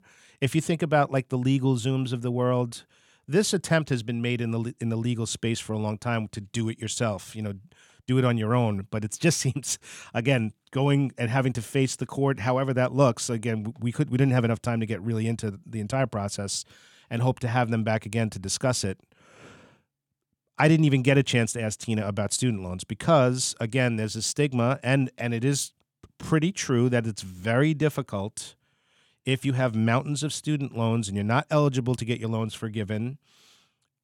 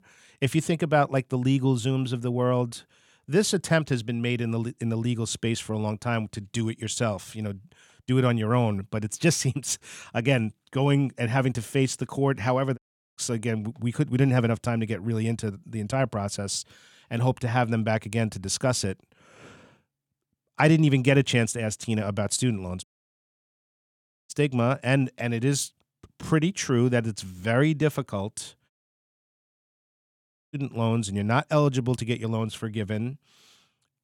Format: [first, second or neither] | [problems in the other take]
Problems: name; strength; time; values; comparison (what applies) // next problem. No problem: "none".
first | audio cutting out; at 13 s, at 23 s for 1.5 s and at 29 s for 2 s